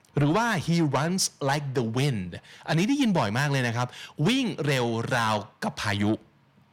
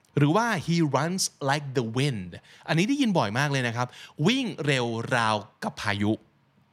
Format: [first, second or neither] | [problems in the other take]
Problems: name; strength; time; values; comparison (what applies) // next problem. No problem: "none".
second | distortion; slight; 10 dB below the speech